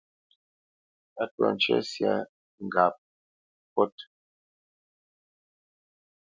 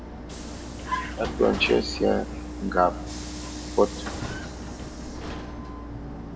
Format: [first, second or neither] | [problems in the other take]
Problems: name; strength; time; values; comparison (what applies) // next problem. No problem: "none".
first | background sound (Vehicle); 5 dB below the speech // room echo; dies away in 0.9 s